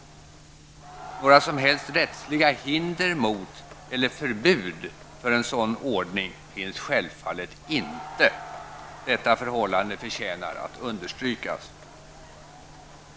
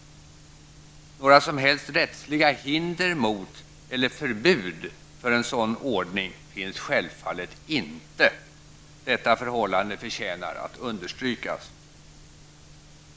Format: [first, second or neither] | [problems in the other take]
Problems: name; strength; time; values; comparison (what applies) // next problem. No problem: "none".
second | background sound (Crowd); 18 dB below the speech